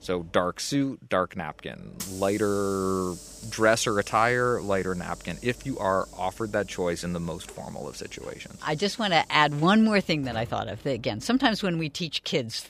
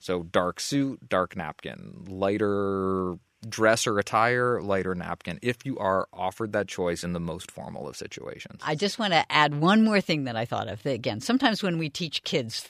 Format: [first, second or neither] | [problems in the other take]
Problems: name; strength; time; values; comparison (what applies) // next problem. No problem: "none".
second | hiss; noticeable; throughout; 20 dB below the speech